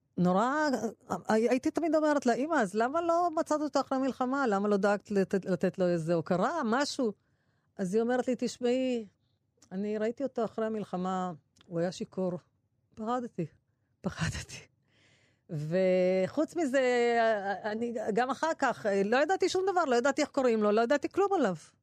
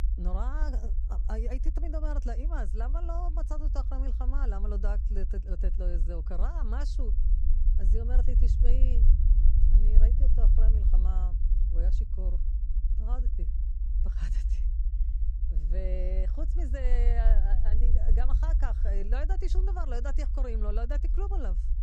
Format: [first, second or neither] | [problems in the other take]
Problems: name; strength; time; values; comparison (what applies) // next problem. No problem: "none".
first | low rumble; loud; throughout; 8 dB below the speech